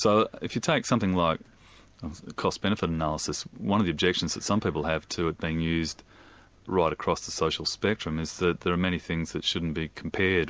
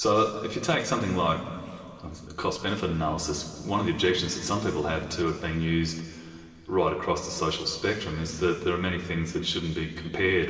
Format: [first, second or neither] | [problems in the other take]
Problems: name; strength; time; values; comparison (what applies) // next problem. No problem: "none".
first | room echo; dies away in 2.4 s